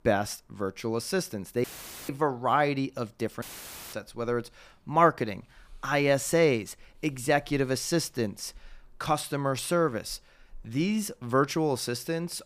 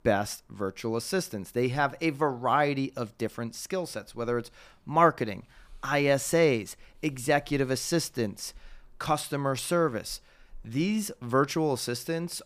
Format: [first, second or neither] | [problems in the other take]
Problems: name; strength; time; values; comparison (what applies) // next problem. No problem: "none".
second | audio cutting out; filled with static; at 1.5 s and at 3.5 s for 0.5 s